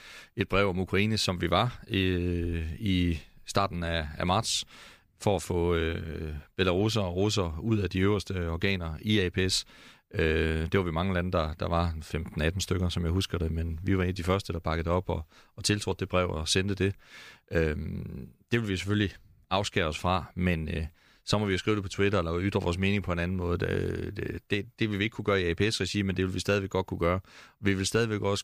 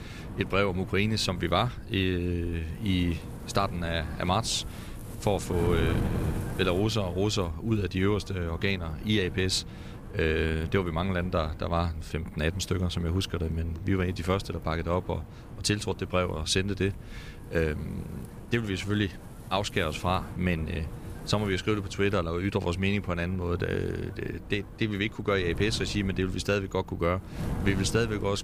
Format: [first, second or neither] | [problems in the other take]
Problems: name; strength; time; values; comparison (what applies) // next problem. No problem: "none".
first | wind noise on the microphone; occasional gusts; 15 dB below the speech